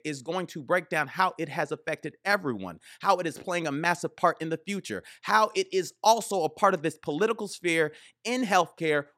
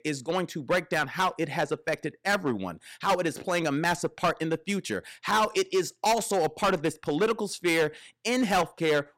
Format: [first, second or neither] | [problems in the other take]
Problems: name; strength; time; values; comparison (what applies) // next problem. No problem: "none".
first | distortion; heavy; 7% of the sound clipped